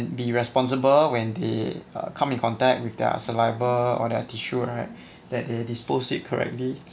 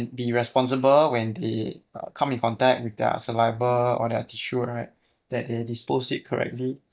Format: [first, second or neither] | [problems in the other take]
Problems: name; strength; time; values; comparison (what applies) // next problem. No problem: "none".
first | noise reduction (neural mask model DeepFilterNet 3)